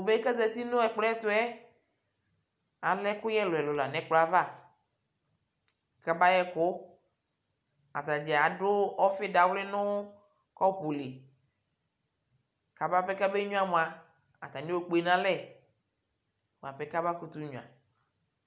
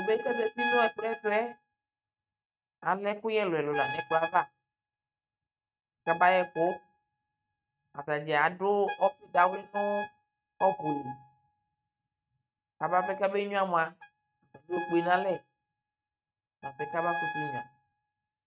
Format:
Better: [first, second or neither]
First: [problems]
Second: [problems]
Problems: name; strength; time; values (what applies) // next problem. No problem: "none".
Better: first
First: none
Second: noise reduction (neural mask model RNNoise)